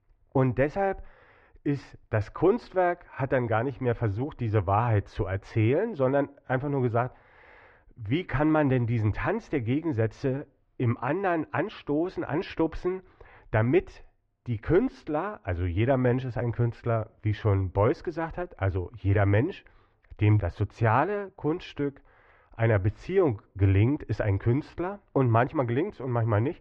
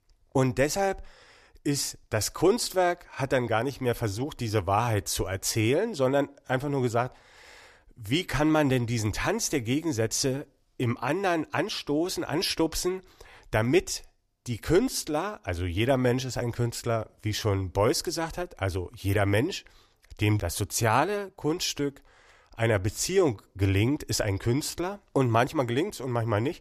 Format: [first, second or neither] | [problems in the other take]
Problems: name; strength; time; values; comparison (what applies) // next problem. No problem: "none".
second | muffled; very; fading above 2 kHz